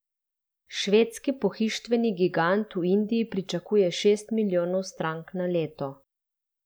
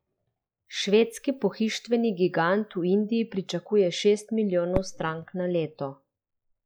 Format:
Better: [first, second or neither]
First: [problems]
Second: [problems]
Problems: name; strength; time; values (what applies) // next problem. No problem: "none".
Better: first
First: none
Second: noise reduction (classical method log-MMSE)